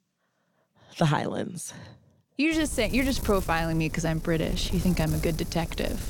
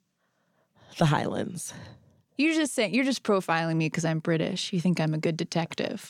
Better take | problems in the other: second | wind noise on the microphone; occasional gusts; from 2.5 s on; 15 dB below the speech

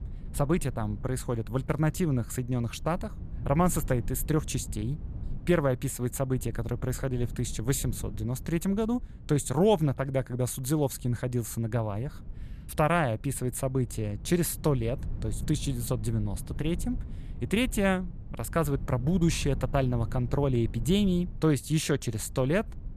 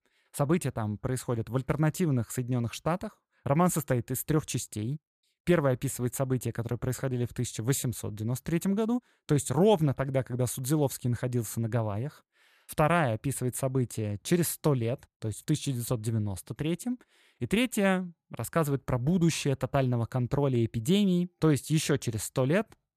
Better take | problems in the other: second | low rumble; faint; throughout; 20 dB below the speech

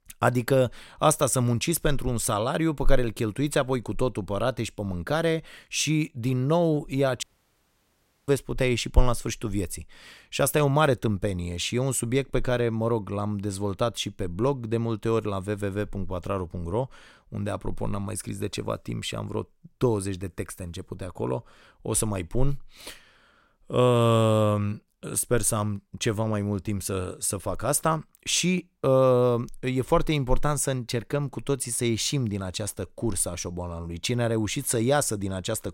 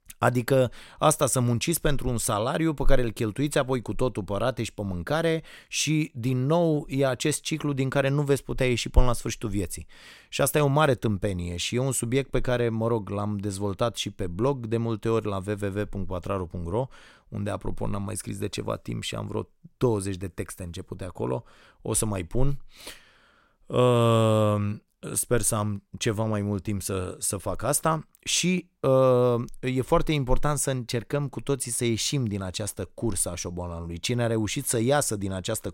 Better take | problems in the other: second | audio cutting out; at 7 s for 1 s

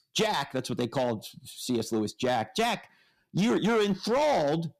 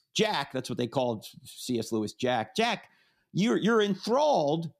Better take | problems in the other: second | distortion; slight; 9% of the sound clipped

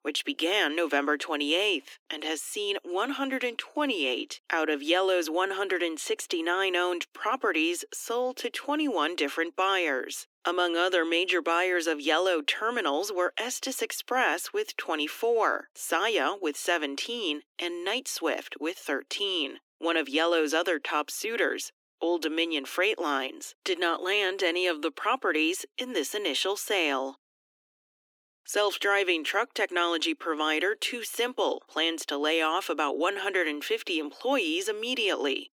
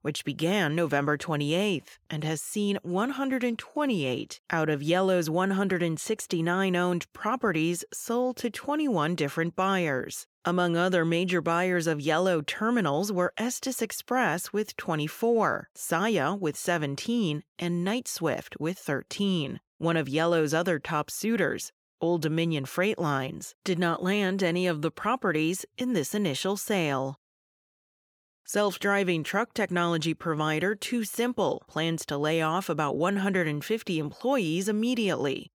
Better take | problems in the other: second | thin; somewhat; fading below 250 Hz

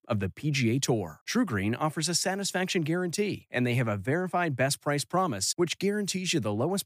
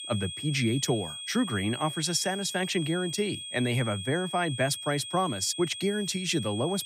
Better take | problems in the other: first | high-pitched whine; loud; throughout; 3.5 kHz, 8 dB below the speech

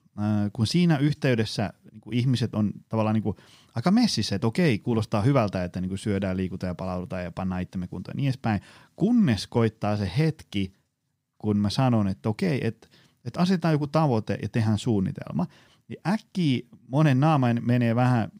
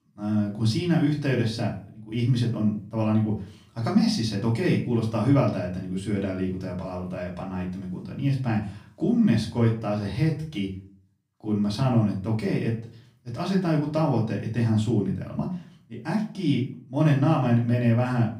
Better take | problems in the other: first | off-mic speech; far // room echo; slight; dies away in 0.4 s

